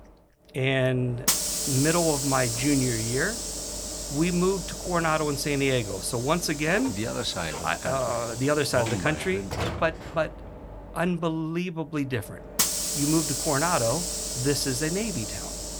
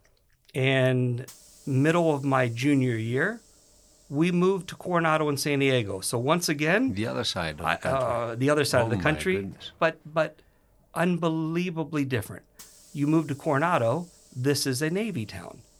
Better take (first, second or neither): second